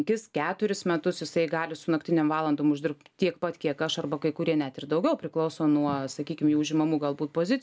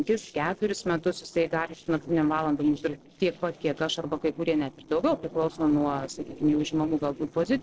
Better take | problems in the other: first | noise reduction (neural separator model SepFormer DNS4)

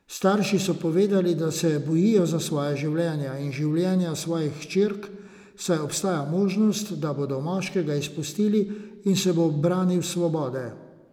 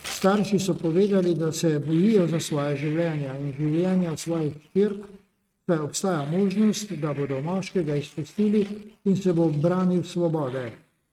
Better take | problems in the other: first | noise reduction (neural mask model RNNoise)

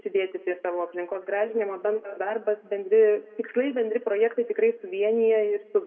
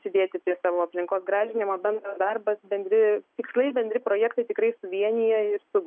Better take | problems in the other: second | room echo; dies away in 1 s

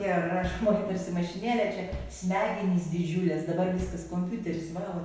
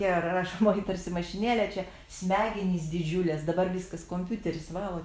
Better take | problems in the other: second | background sound (Bass drum); 13 dB below the speech // room echo; dies away in 0.8 s

